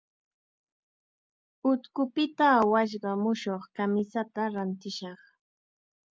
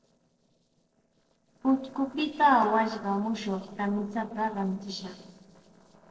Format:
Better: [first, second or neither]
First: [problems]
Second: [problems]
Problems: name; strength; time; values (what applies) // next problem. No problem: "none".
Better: first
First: none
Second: noise reduction (neural separator model SepFormer DNS4)